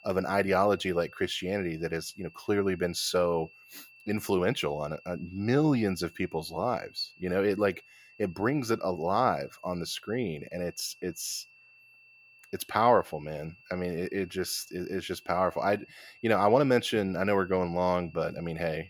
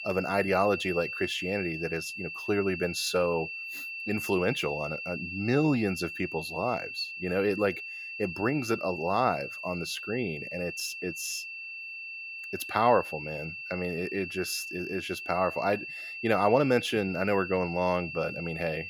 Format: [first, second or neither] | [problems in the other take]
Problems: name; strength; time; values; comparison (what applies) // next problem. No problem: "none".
first | high-pitched whine; loud; throughout; 2.5 kHz, 7 dB below the speech; faint in the first